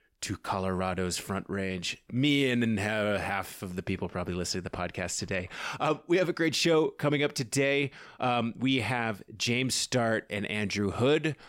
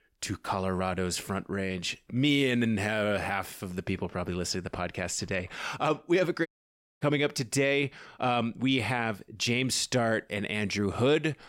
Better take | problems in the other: first | audio cutting out; at 6.5 s for 0.5 s

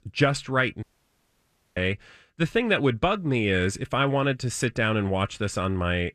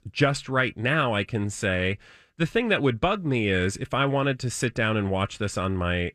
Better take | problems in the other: second | audio cutting out; at 1 s for 1 s

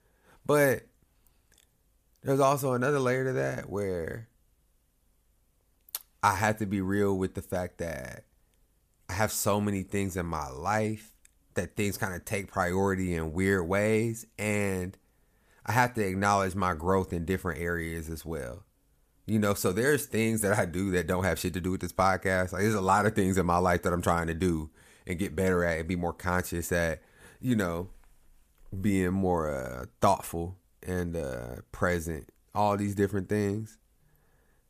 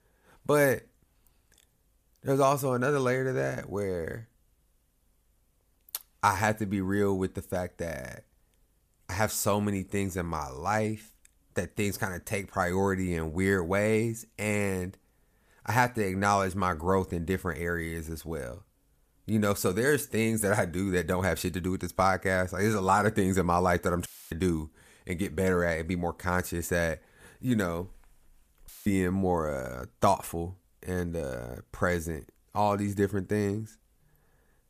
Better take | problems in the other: first | audio cutting out; filled with static; at 24 s and at 29 s

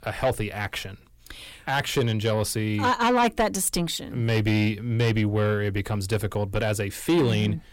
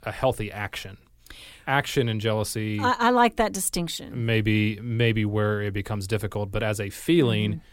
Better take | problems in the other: second | distortion; slight; 10 dB below the speech

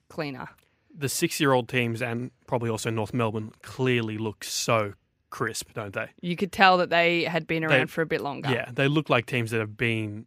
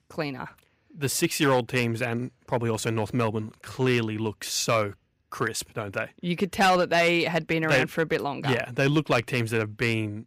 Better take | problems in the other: first | distortion; slight; 2% of the sound clipped

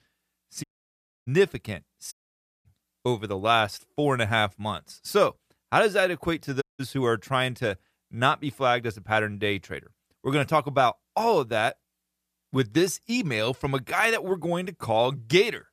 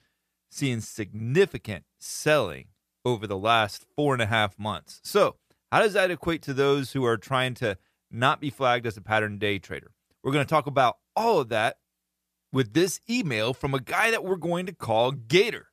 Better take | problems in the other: second | audio cutting out; at 0.5 s for 0.5 s, at 2 s for 0.5 s and at 6.5 s

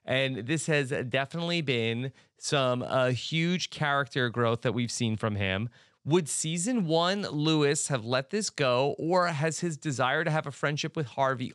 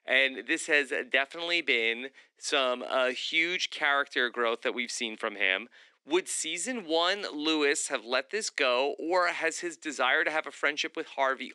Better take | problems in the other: first | thin; somewhat; fading below 300 Hz

